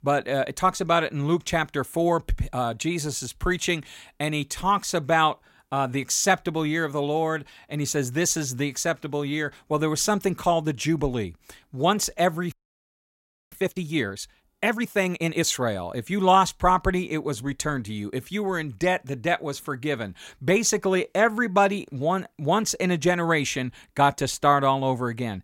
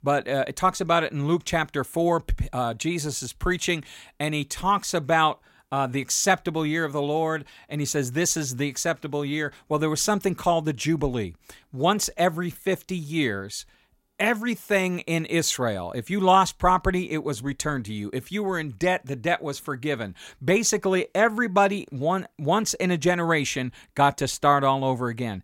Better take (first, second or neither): second